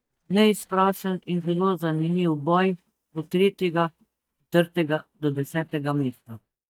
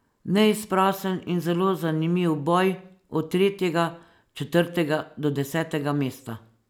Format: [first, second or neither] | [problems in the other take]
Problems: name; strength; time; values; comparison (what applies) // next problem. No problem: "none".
second | noise reduction (neural mask model DeepFilterNet 3)